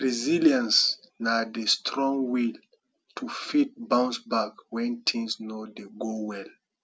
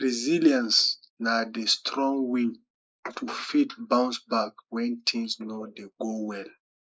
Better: first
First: none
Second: noise reduction (neural mask model Resemble Enhance denoiser)

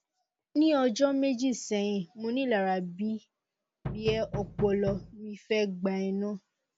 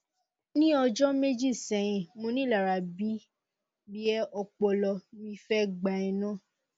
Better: second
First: background sound (Knock); 8 dB below the speech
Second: none

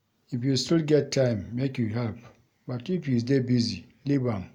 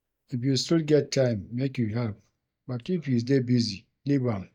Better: first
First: none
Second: noise reduction (neural mask model DeepFilterNet 3)

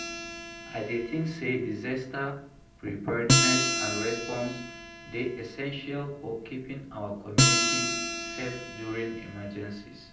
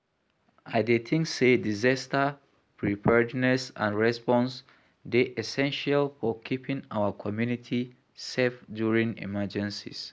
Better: second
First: background sound (Acoustic guitar); 3 dB above the speech // room echo; dies away in 0.6 s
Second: none

